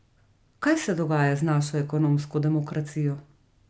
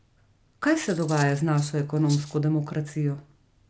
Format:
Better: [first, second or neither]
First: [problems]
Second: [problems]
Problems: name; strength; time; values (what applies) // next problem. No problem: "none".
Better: first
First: none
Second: background sound (Cutlery, silverware); 19 dB below the speech